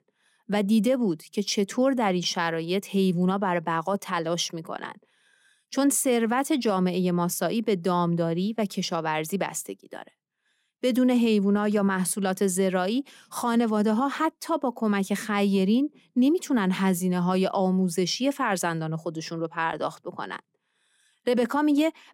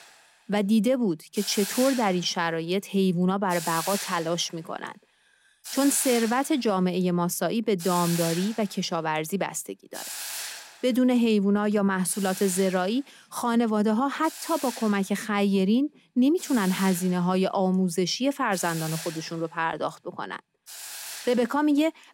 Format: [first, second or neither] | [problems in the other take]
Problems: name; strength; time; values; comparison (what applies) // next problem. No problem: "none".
first | hiss; loud; throughout; 10 dB below the speech